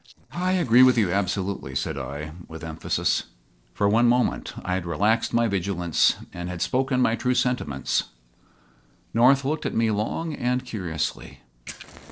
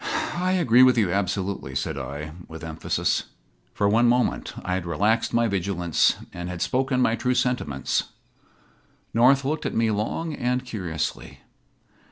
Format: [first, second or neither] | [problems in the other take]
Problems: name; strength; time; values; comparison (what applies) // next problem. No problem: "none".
second | noise reduction (neural separator model SepFormer DNS4)